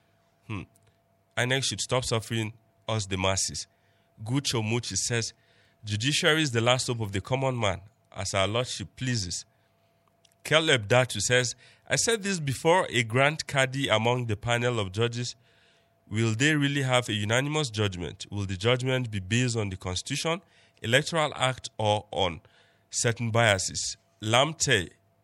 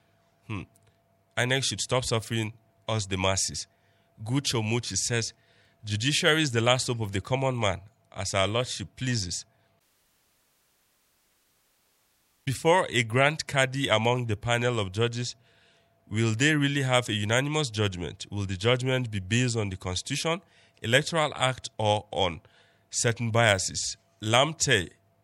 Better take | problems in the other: first | audio cutting out; at 10 s for 2.5 s

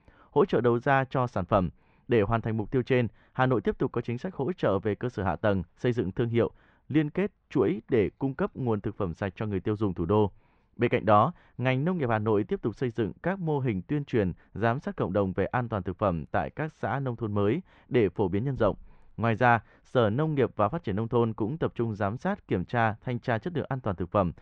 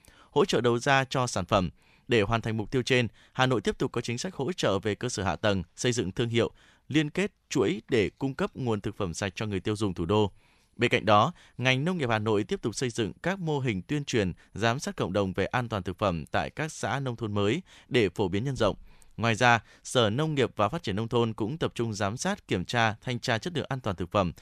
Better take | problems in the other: second | muffled; very; fading above 1.5 kHz

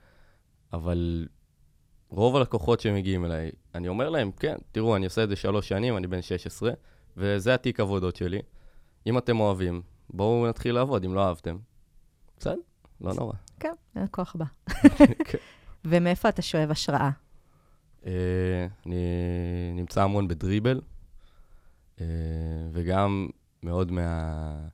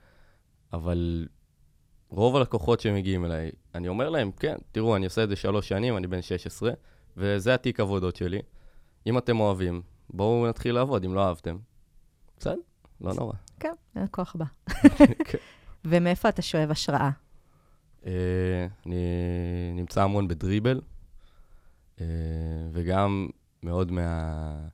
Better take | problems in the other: neither | none

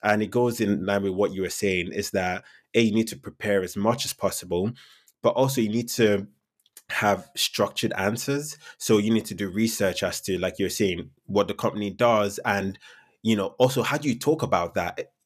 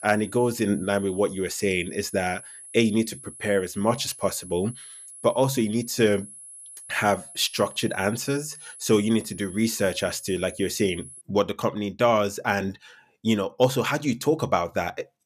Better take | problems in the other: first | high-pitched whine; noticeable; until 11 s; 10.5 kHz, 15 dB below the speech

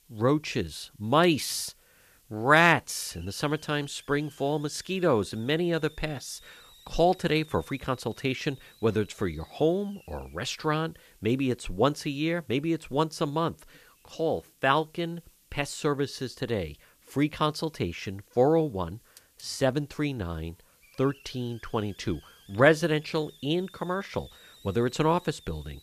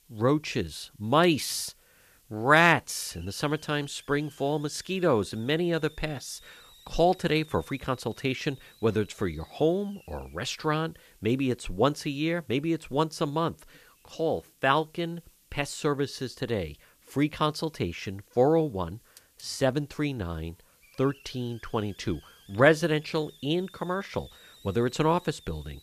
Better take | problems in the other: neither | hiss; faint; throughout; 25 dB below the speech; the same in both

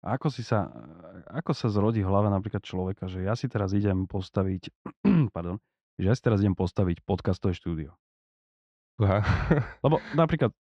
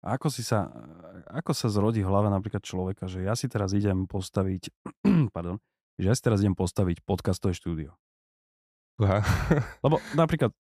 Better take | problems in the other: second | muffled; slightly; fading above 4 kHz

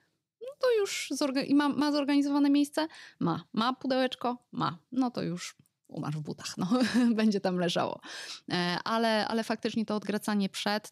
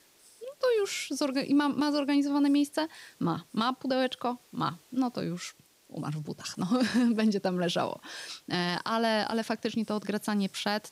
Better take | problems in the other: first | hiss; faint; throughout; 30 dB below the speech

